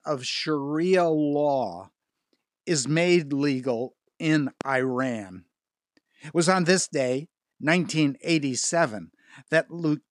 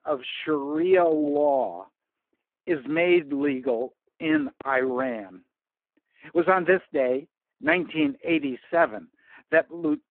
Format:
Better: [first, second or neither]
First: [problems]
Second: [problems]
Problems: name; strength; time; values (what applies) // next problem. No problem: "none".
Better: first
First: none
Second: phone-call audio; poor line